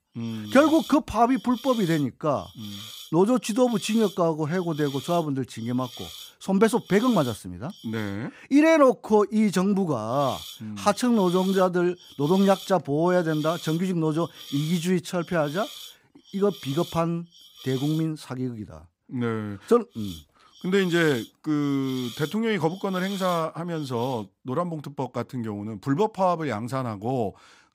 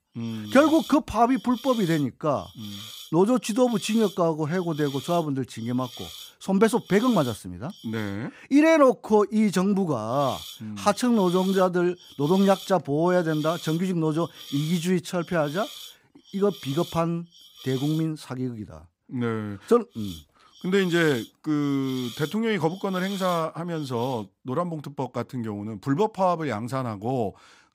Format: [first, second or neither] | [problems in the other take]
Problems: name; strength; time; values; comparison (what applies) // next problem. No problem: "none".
neither | hiss; noticeable; until 8 s, from 10 to 18 s and from 20 to 24 s; 15 dB below the speech; the same in both